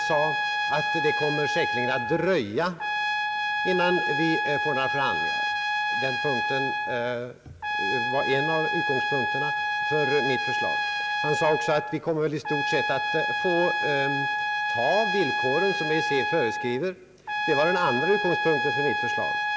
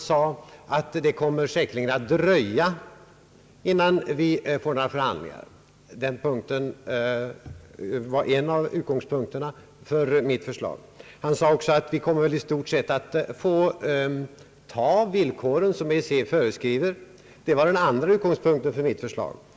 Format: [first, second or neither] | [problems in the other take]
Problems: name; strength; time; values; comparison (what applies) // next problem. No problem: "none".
second | background sound (Trumpet); 1 dB above the speech